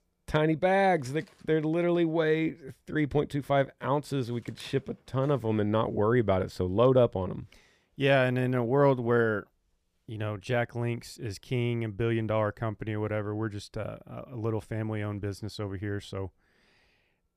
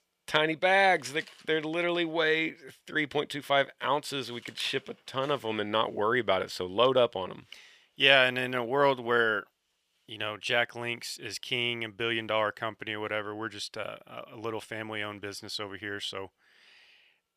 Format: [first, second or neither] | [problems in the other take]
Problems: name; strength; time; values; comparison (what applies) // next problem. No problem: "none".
first | thin; somewhat; fading below 950 Hz